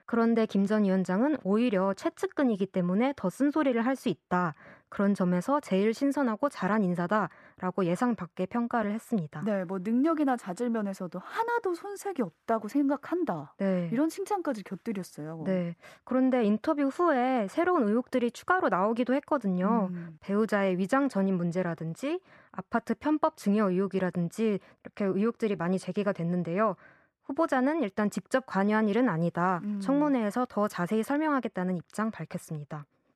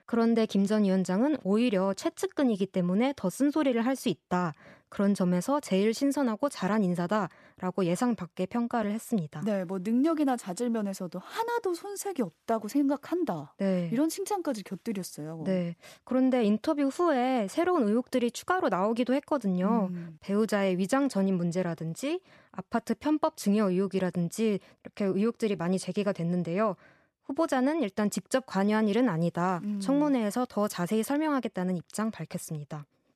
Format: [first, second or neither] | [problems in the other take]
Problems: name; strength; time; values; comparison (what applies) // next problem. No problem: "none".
second | muffled; slightly; fading above 2.5 kHz